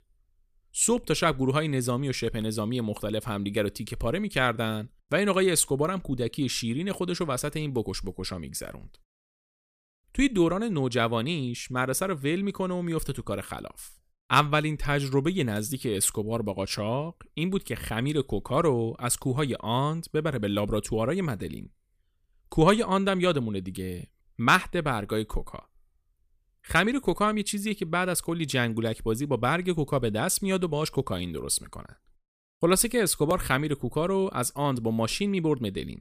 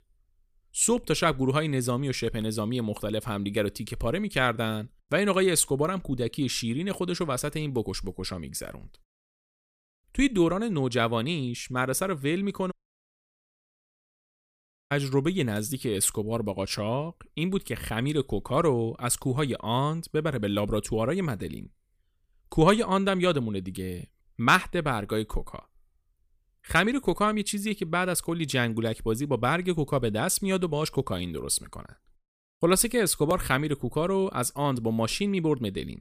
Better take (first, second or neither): first